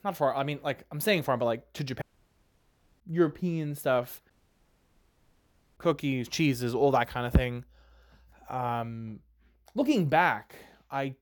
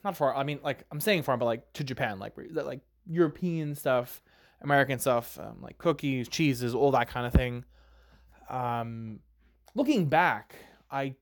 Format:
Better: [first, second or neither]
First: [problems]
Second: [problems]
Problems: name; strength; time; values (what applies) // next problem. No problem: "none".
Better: second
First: audio cutting out; at 2 s for 1 s and at 4.5 s for 1.5 s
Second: none